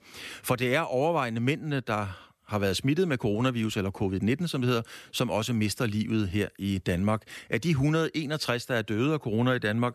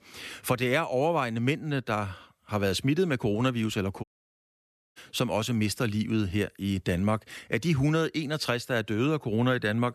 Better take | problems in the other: first | audio cutting out; at 4 s for 1 s

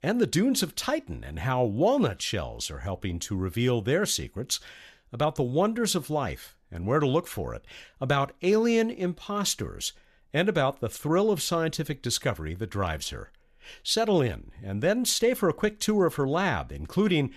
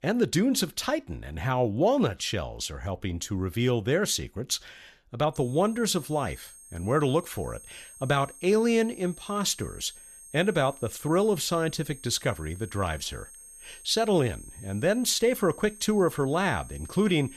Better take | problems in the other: first | high-pitched whine; noticeable; from 5.5 s on; 8.5 kHz, 20 dB below the speech

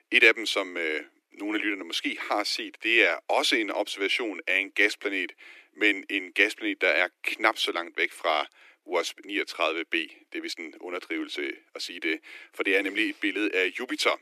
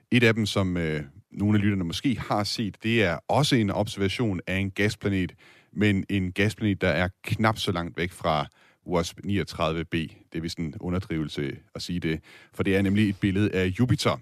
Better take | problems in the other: second | thin; very; fading below 300 Hz

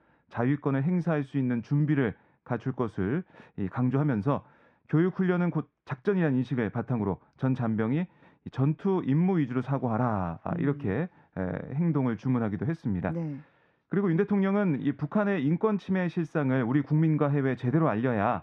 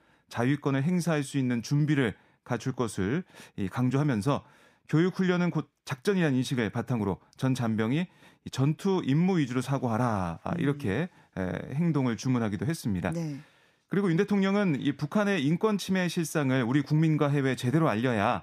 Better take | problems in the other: second | muffled; very; fading above 1.5 kHz

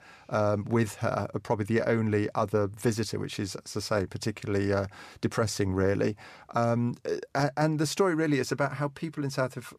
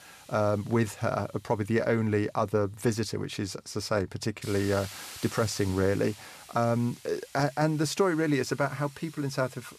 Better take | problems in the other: first | hiss; noticeable; throughout; 15 dB below the speech

